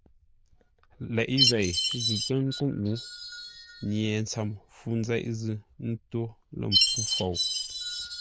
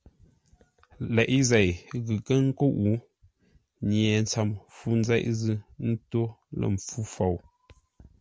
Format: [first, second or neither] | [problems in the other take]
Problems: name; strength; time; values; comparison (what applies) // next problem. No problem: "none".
second | noise reduction (neural diffusion model UNIVERSE++)